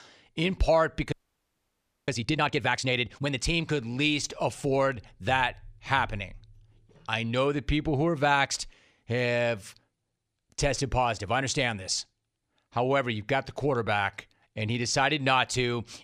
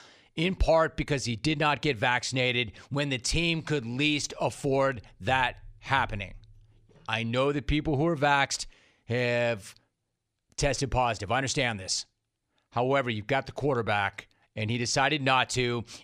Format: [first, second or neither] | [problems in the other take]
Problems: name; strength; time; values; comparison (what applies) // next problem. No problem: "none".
second | audio freezing; at 1 s for 1 s